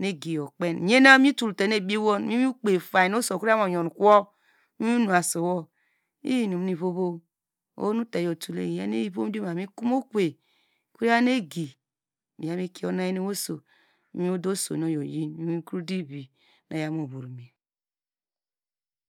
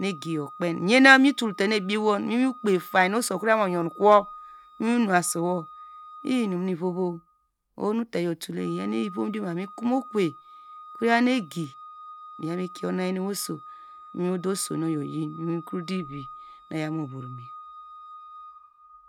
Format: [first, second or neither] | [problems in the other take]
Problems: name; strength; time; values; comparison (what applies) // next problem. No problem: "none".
first | background sound (Organ); 19 dB below the speech